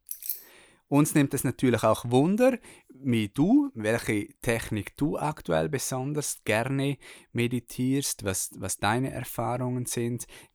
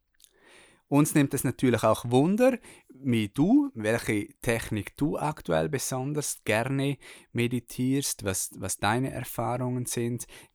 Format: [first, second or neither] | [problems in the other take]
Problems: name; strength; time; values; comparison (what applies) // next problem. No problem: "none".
second | jangling keys; noticeable; at the start; peak 6 dB below the speech